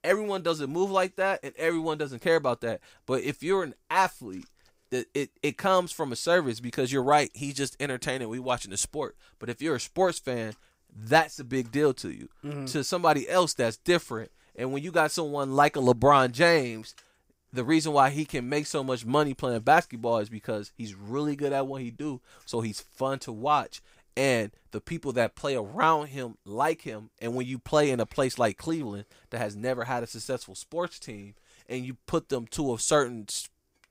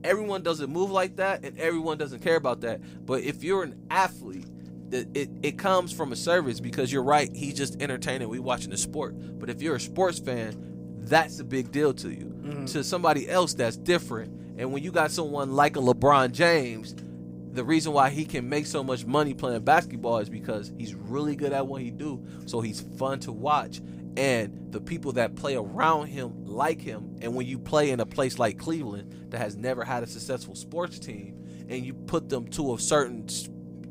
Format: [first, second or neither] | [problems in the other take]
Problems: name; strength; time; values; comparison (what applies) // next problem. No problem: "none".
first | low rumble; faint; throughout; 20 dB below the speech